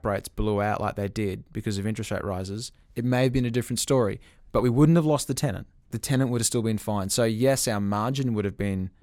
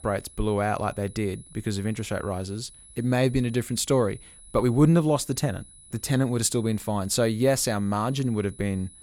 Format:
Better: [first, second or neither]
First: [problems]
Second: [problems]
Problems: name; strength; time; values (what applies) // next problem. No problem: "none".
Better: first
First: none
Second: high-pitched whine; faint; throughout; 10 kHz, 20 dB below the speech